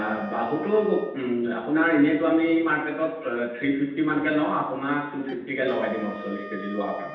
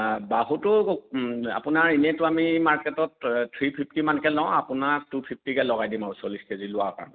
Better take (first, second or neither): second